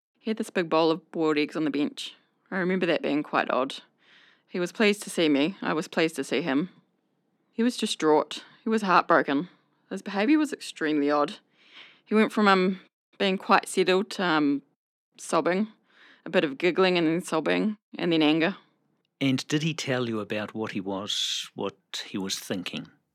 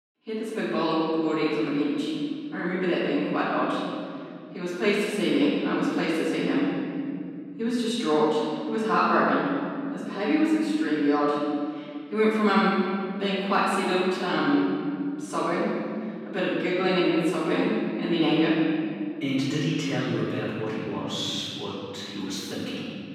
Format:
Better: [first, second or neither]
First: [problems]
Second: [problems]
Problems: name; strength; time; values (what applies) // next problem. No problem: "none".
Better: first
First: none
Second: room echo; strong; dies away in 3 s // off-mic speech; far